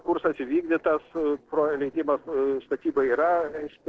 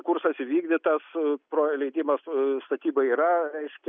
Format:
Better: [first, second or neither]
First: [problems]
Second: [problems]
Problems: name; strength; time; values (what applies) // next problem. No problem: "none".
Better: second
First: noise reduction (neural separator model SepFormer DNS4)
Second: none